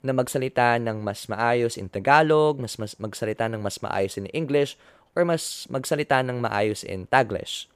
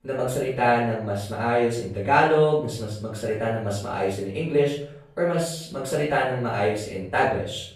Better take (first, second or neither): first